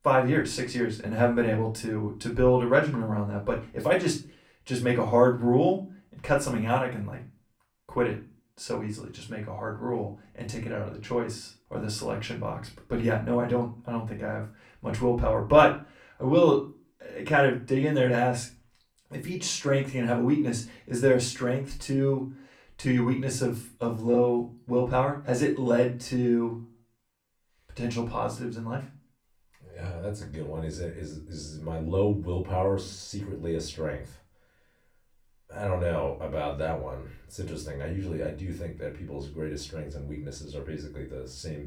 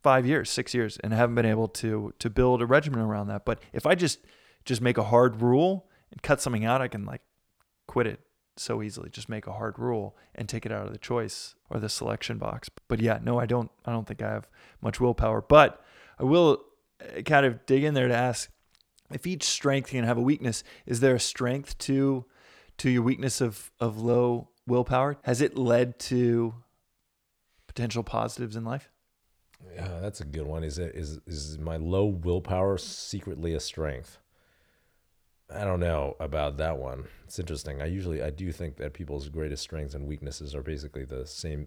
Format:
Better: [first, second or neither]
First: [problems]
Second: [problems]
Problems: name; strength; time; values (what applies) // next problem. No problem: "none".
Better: second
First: off-mic speech; far // room echo; very slight; dies away in 0.3 s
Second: none